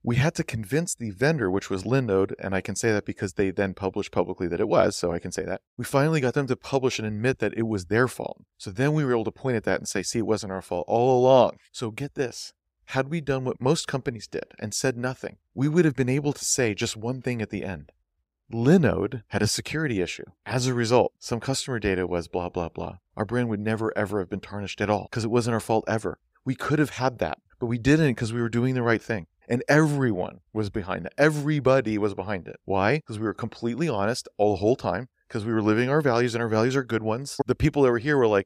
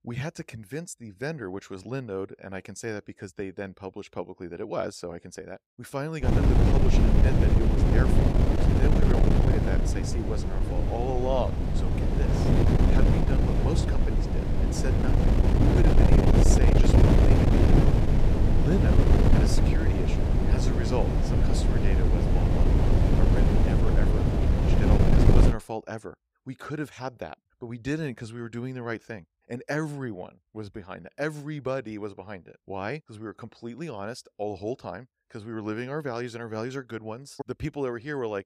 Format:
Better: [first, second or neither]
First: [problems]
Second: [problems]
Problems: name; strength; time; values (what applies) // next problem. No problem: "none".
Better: first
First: none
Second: wind noise on the microphone; heavy; from 6.5 to 26 s; 4 dB above the speech